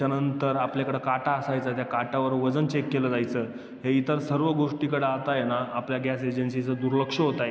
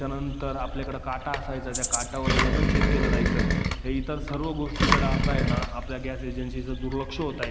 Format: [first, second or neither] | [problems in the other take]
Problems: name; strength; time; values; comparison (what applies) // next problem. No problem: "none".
first | background sound (Engine + Rattle (instrument)); 5 dB above the speech